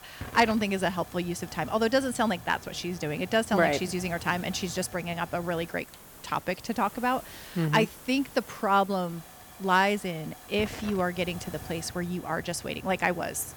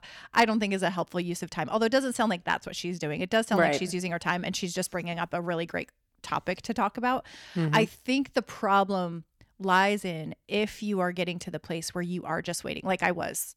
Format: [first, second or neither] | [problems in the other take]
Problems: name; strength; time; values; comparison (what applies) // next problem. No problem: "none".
second | hiss; noticeable; throughout; 15 dB below the speech